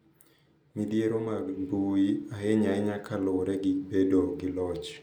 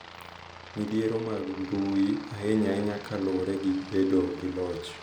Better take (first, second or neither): first